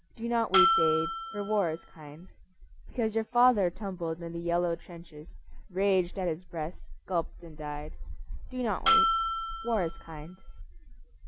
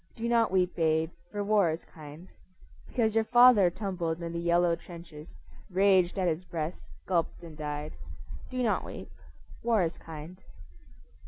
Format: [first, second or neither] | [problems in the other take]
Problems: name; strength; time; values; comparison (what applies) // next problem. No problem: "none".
second | background sound (Bell); 2 dB above the speech